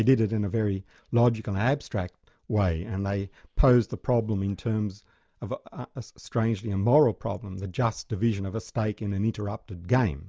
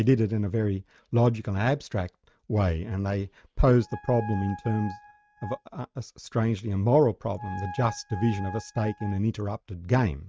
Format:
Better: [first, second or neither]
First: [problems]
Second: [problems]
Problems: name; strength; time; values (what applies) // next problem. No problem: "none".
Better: first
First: none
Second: noise reduction (neural mask model RNNoise)